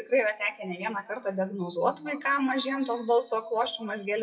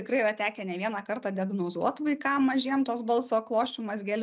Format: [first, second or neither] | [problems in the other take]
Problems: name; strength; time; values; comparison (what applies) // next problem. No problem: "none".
second | noise reduction (classical method WPE with log-MMSE)